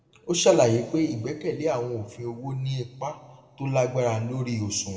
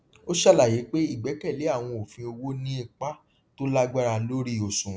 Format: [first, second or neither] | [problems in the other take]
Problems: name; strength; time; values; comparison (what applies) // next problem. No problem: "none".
second | room echo; dies away in 1.1 s